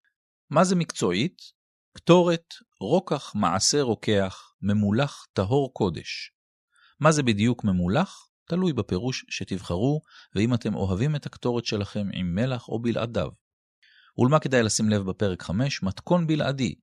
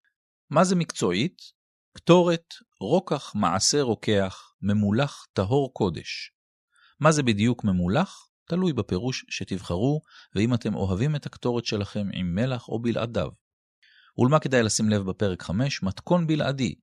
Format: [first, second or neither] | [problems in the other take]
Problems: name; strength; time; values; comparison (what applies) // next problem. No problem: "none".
neither | none